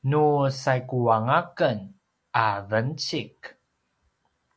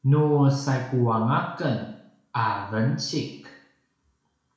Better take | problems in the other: first | room echo; dies away in 0.6 s

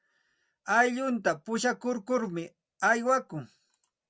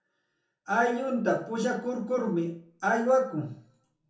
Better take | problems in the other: first | room echo; dies away in 1 s

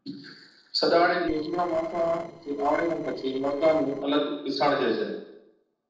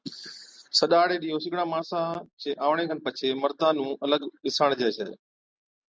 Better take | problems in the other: second | noise reduction (neural separator model SepFormer DNS4)

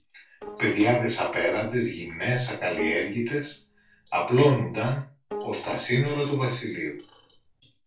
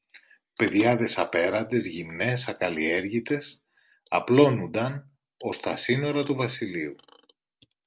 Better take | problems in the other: second | noise reduction (neural separator model SepFormer DNS4)

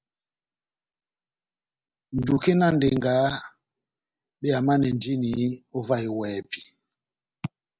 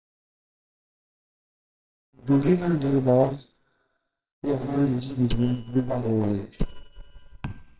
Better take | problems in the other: first | noise reduction (neural separator model SepFormer WHAMR!)

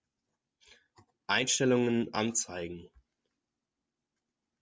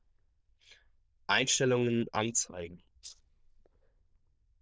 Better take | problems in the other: first | noise reduction (neural diffusion model UNIVERSE++)

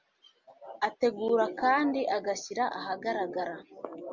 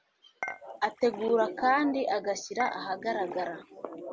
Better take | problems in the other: first | background sound (Dishes, pots, and pans / Chink, clink); 14 dB below the speech

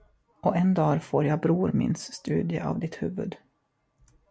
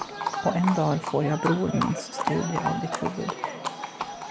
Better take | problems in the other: first | background sound (Livestock, farm animals, working animals); 4 dB below the speech

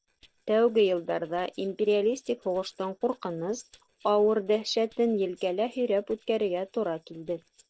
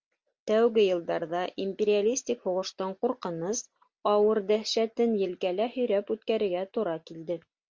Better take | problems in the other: second | noise reduction (neural separator model SepFormer DNS4)

